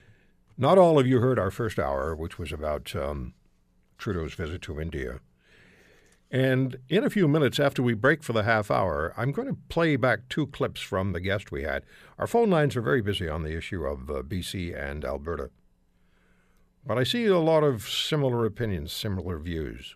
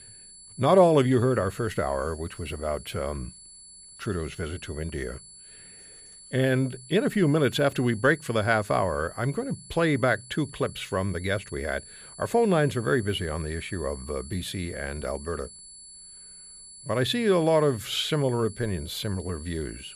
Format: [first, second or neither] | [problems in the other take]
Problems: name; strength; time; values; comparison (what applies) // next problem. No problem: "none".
first | high-pitched whine; noticeable; throughout; 10 kHz, 20 dB below the speech